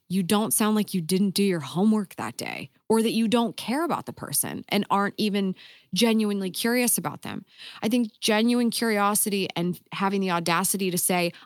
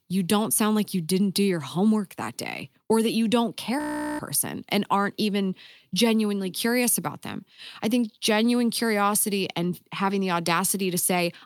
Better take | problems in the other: first | audio freezing; at 4 s

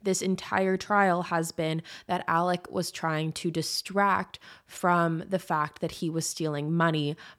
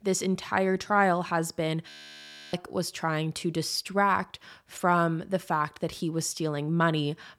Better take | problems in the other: first | audio freezing; at 2 s for 0.5 s

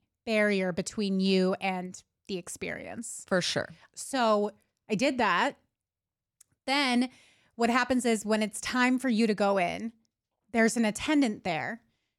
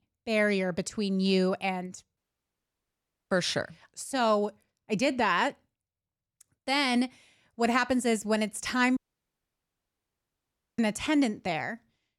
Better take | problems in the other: first | audio cutting out; at 2 s for 1 s and at 9 s for 2 s

